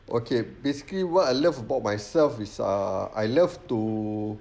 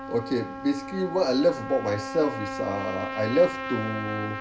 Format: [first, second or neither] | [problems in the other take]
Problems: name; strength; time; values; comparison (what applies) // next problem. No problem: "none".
first | background sound (Trumpet); 8 dB below the speech // room echo; dies away in 0.2 s